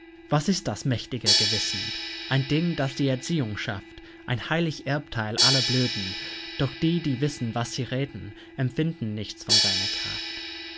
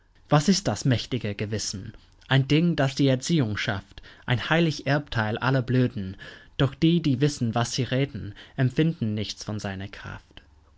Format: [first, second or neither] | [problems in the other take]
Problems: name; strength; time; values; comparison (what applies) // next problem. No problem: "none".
second | background sound (Crash cymbal); 2 dB below the speech